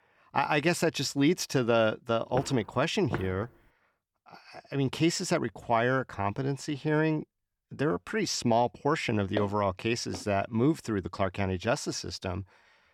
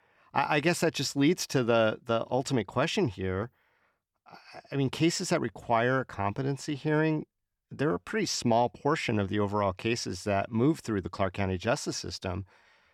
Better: second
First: footsteps; noticeable; at 2.5 s and at 9.5 s; peak 8 dB below the speech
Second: none

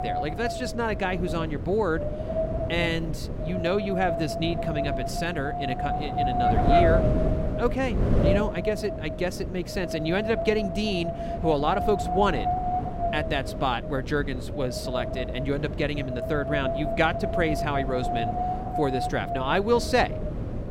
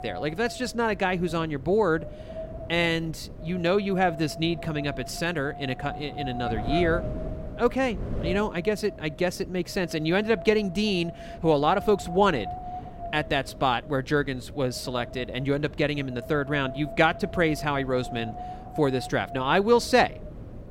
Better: second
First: wind noise on the microphone; heavy; 1 dB below the speech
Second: wind noise on the microphone; occasional gusts; 10 dB below the speech

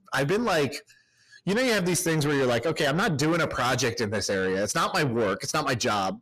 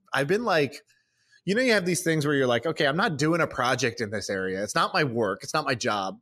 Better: second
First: distortion; heavy; 7 dB below the speech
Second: none

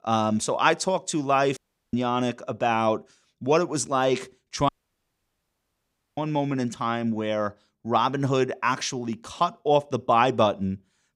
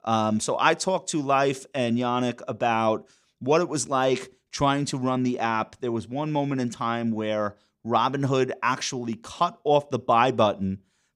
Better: second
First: audio cutting out; at 1.5 s and at 4.5 s for 1.5 s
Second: none

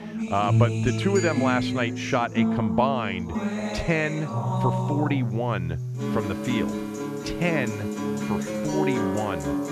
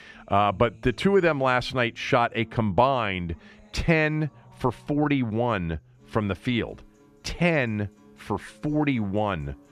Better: second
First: background music; loud; throughout; as loud as the speech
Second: background music; faint; throughout; 30 dB below the speech

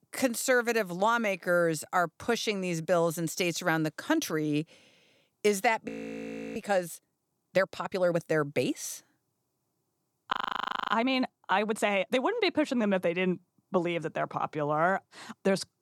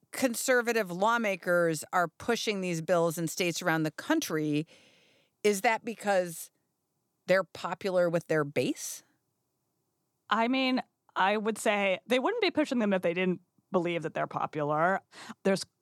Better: second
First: audio freezing; at 6 s for 0.5 s and at 10 s for 0.5 s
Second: none

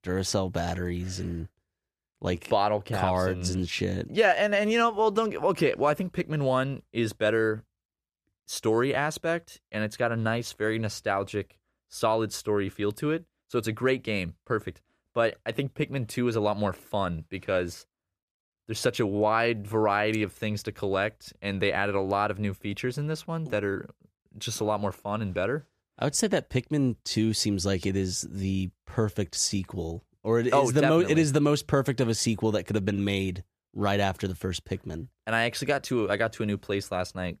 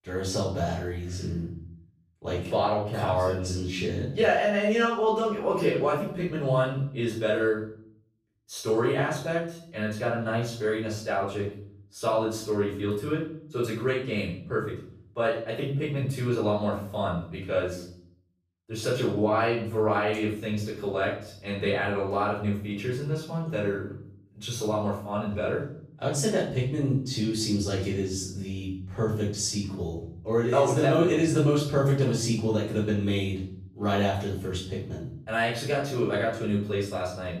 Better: first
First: none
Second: off-mic speech; far // room echo; noticeable; dies away in 0.5 s

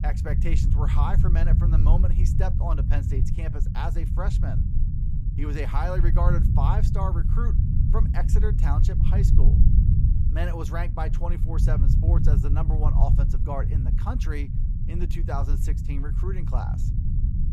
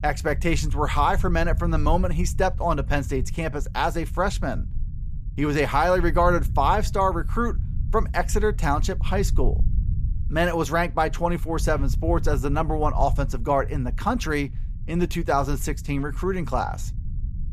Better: second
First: low rumble; loud; throughout; 4 dB below the speech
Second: low rumble; faint; throughout; 20 dB below the speech

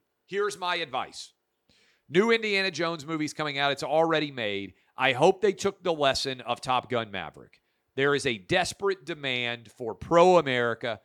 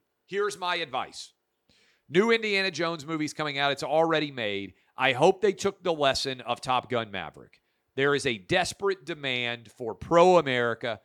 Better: neither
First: none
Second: none

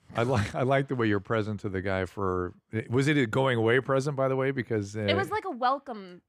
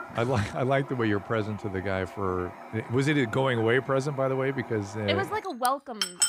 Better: first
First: none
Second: household noises; noticeable; throughout; 15 dB below the speech

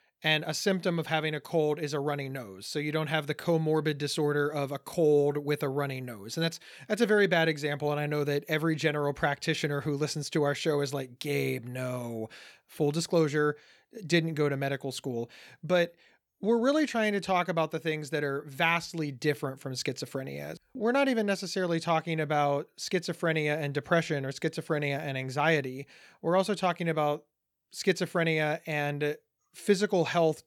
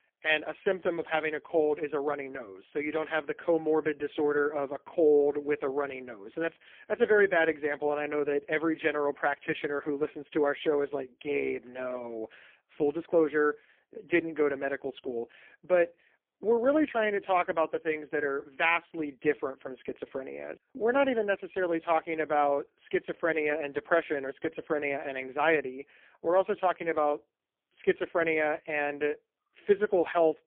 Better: first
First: none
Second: phone-call audio; poor line; nothing above 3.5 kHz

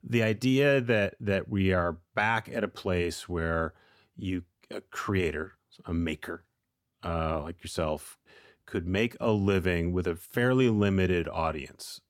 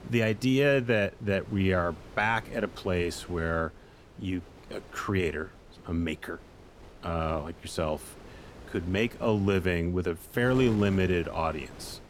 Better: first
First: none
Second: wind noise on the microphone; occasional gusts; 20 dB below the speech

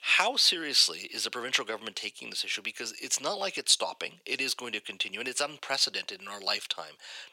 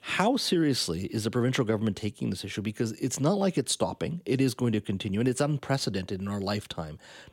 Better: second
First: thin; very; fading below 750 Hz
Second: none

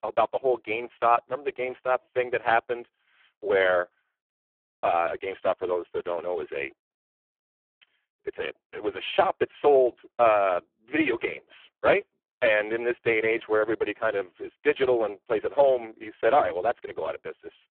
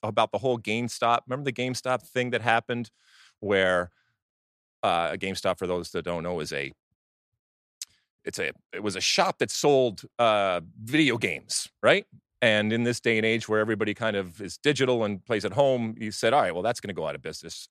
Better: second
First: phone-call audio; poor line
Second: none

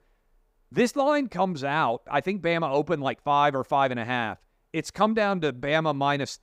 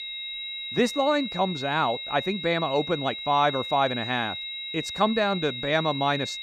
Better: first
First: none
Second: high-pitched whine; loud; throughout; 4 kHz, 6 dB below the speech

